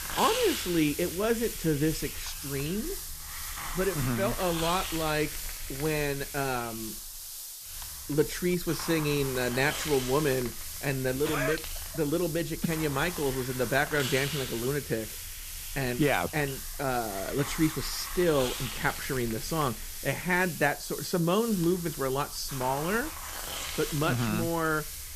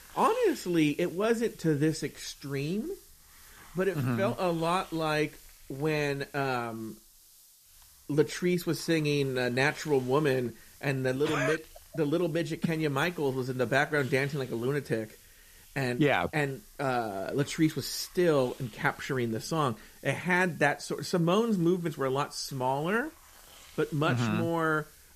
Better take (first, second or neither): second